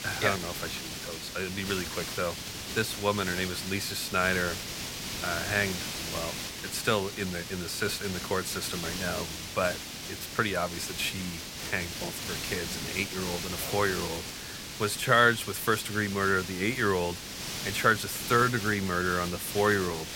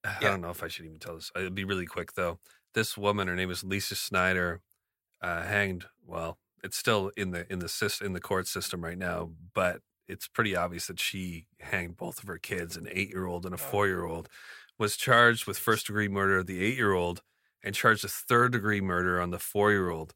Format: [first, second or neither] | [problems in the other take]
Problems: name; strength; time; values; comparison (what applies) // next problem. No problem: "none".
second | hiss; loud; throughout; 6 dB below the speech